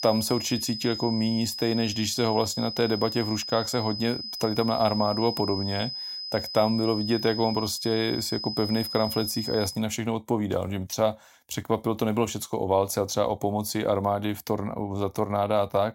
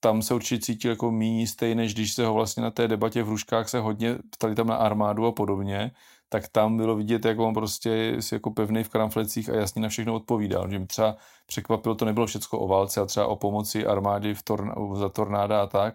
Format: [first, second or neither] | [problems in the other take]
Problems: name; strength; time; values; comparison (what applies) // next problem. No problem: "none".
second | high-pitched whine; loud; until 9.5 s; 5 kHz, 6 dB below the speech